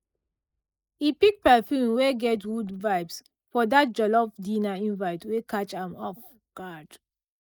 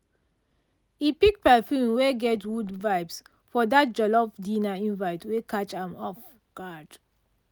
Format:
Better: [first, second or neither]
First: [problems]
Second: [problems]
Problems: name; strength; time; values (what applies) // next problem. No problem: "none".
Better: second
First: noise reduction (neural mask model Resemble Enhance denoiser)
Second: none